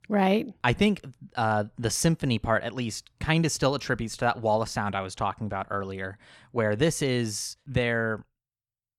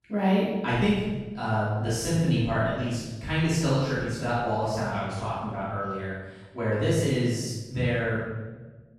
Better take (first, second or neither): first